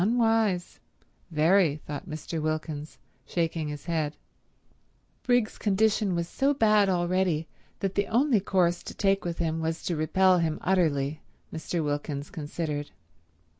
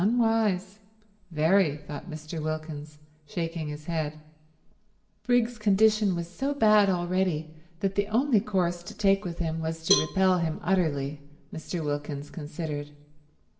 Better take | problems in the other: first | background sound (Cowbell); 7 dB below the speech // room echo; dies away in 0.7 s

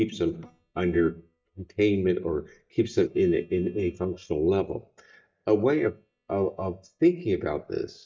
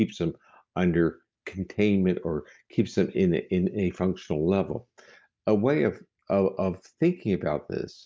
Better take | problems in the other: second | noise reduction (neural mask model DeepFilterNet 3)

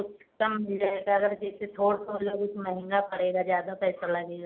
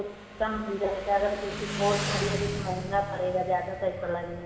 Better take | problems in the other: first | background sound (Motorcycle); 6 dB below the speech // room echo; dies away in 2.8 s

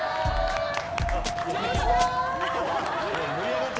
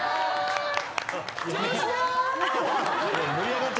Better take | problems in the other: second | background sound (Wind + Drum kit); as loud as the speech

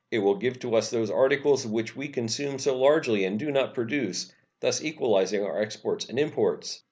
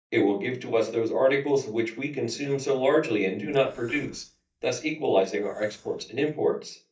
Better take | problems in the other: first | noise reduction (neural mask model DeepFilterNet 3)

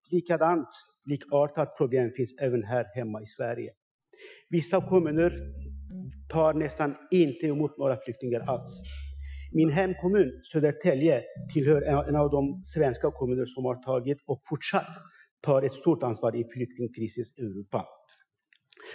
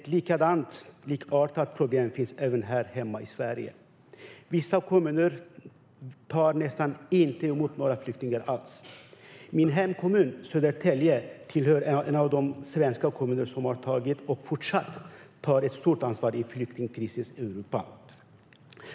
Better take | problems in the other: second | noise reduction (classical method Wiener filter)

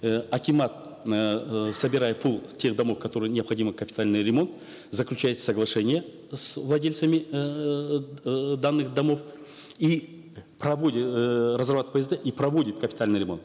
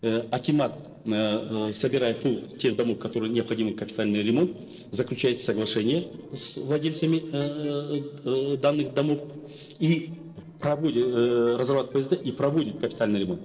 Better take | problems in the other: first | noise reduction (neural separator model SepFormer DNS4)

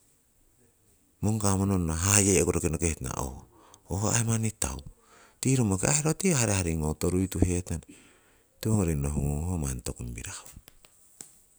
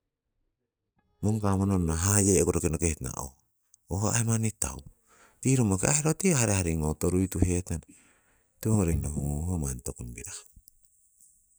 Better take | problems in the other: first | noise reduction (neural mask model DeepFilterNet 3)

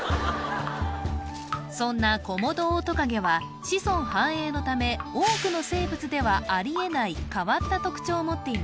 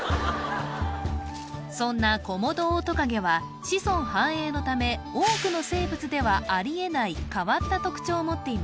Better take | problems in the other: second | background sound (Drip); 16 dB below the speech

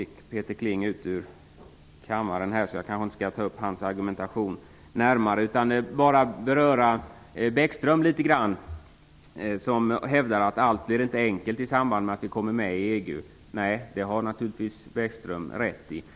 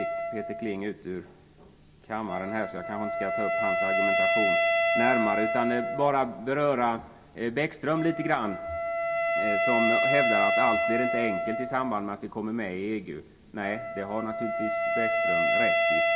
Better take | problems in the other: first | background sound (Wind instrument, woodwind instrument); 2 dB above the speech // room echo; dies away in 1.4 s

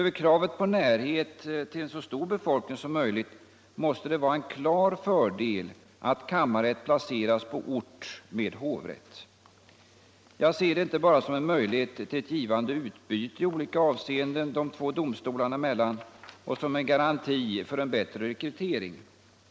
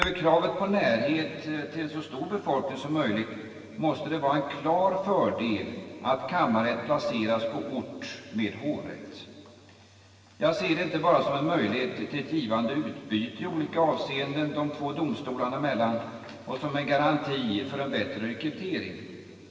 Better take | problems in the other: first | background sound (Tap / Glass); 10 dB below the speech // room echo; dies away in 2.6 s

